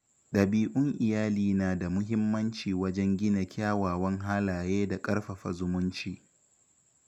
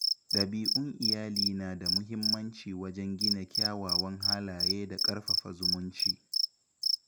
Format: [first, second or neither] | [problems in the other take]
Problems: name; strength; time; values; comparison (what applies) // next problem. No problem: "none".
first | background sound (Cricket); 4 dB above the speech